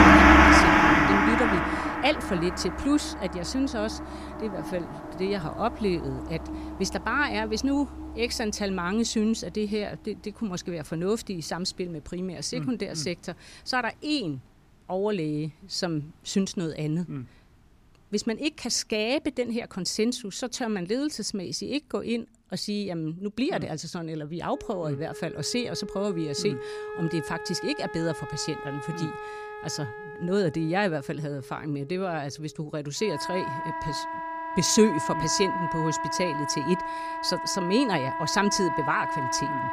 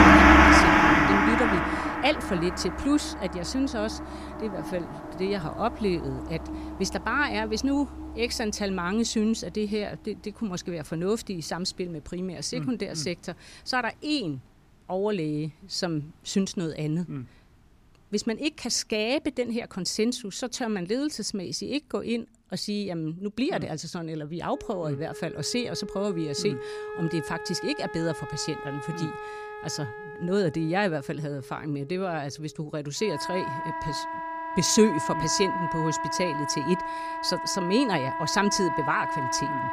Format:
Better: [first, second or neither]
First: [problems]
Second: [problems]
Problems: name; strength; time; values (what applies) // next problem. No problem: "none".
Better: neither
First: background music; very loud; throughout; 2 dB above the speech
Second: background music; very loud; throughout; 2 dB above the speech